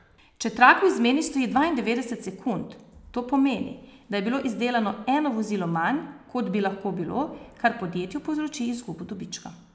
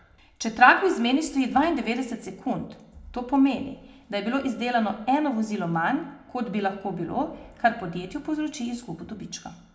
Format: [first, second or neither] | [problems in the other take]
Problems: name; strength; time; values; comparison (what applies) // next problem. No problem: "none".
first | room echo; dies away in 0.2 s